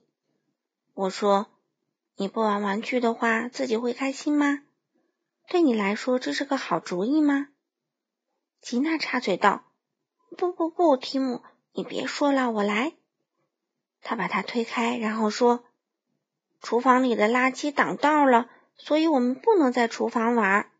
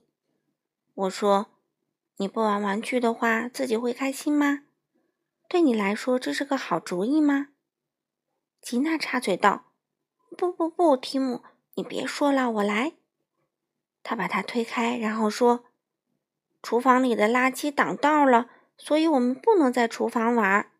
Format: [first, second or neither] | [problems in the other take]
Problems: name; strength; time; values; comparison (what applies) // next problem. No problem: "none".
second | garbled, watery; badly; nothing above 7.5 kHz